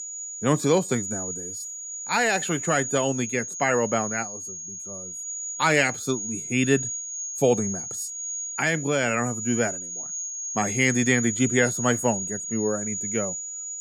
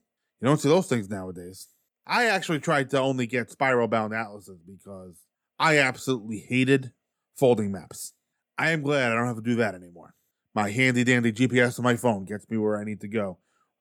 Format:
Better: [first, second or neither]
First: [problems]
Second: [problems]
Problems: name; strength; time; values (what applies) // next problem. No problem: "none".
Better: second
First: high-pitched whine; loud; throughout; 7 kHz, 5 dB below the speech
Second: none